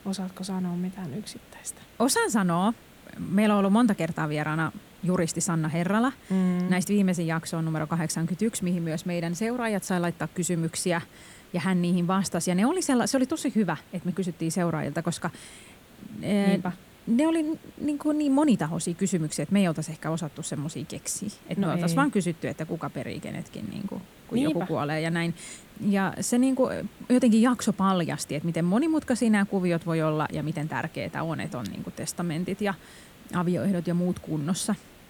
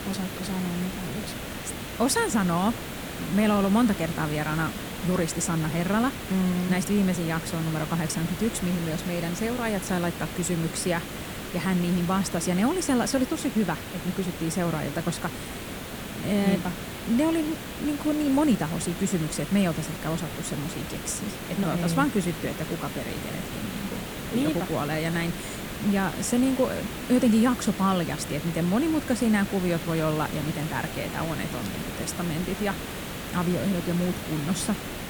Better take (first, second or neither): first